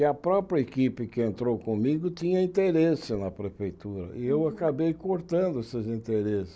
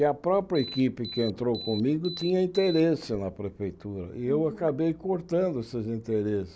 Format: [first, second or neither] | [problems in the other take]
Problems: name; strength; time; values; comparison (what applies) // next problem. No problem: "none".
first | background sound (Alarm); 14 dB below the speech